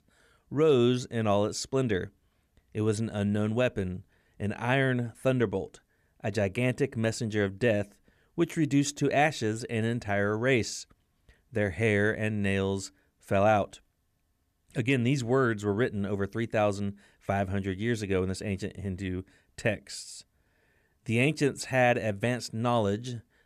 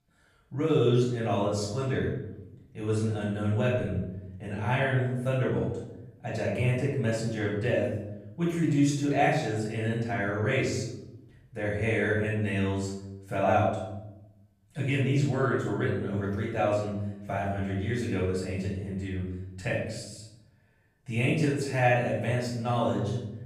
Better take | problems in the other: first | off-mic speech; far // room echo; noticeable; dies away in 0.9 s

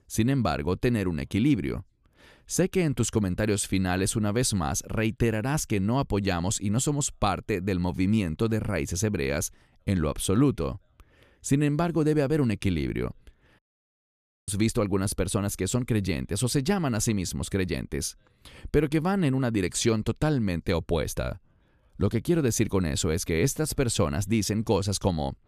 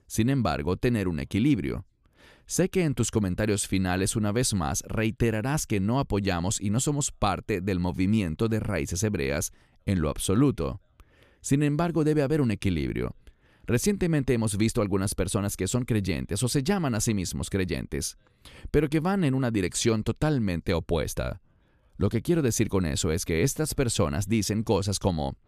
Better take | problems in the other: second | audio cutting out; at 14 s for 1 s

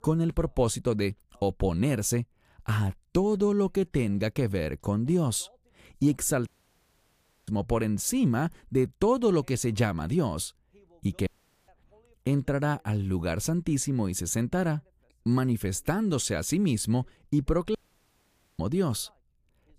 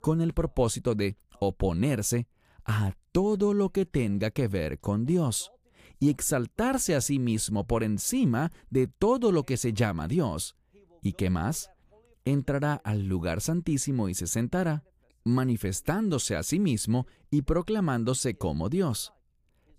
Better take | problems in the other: second | audio cutting out; at 6.5 s for 1 s, at 11 s and at 18 s for 1 s

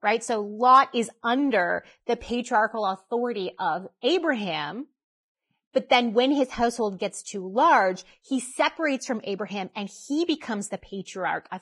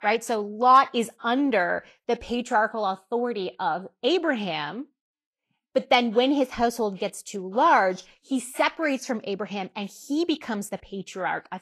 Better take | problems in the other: second | garbled, watery; badly; nothing above 10 kHz; slightly in the second

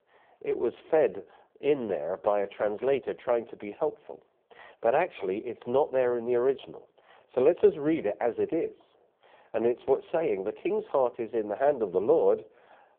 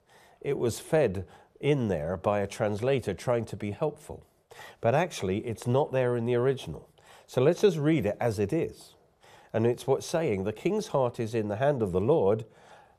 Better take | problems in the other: second | phone-call audio; poor line

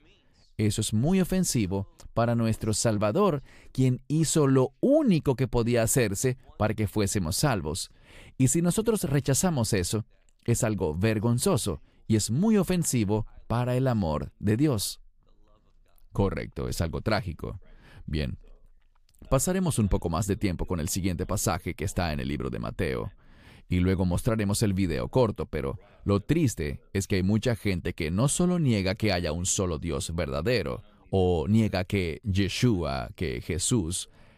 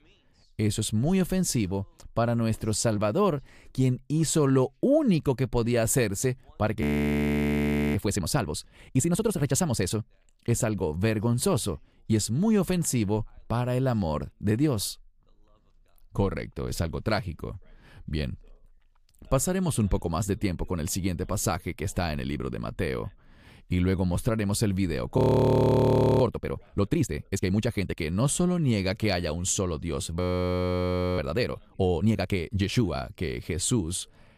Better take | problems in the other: first | audio freezing; at 7 s for 1 s, at 25 s for 1 s and at 30 s for 1 s

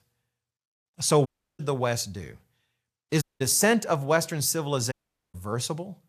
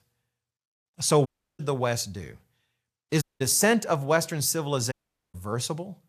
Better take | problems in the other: neither | audio cutting out; at 1.5 s, at 3 s and at 5 s; the same in both

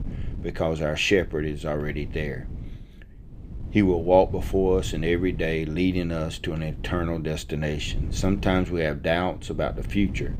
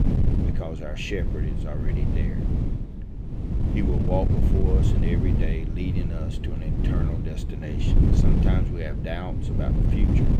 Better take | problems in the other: first | wind noise on the microphone; heavy; as loud as the speech; occasional gusts in the first

